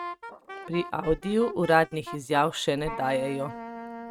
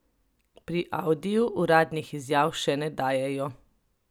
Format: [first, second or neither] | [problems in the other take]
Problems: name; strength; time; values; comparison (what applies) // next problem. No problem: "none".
second | noise reduction (neural mask model RNNoise)